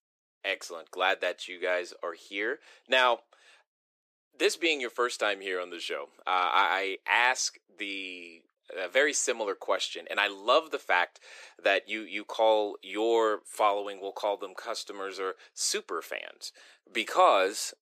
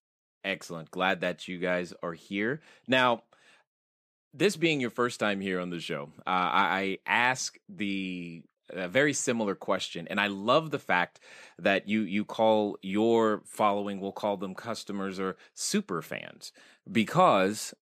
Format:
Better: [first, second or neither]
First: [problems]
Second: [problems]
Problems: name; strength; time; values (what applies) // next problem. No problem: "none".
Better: second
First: thin; very; fading below 350 Hz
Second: none